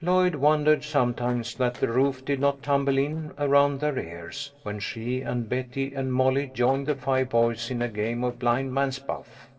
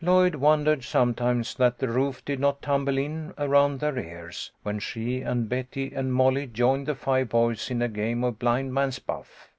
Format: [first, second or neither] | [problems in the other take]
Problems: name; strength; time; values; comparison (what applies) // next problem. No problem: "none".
second | noise reduction (neural separator model SepFormer DNS4)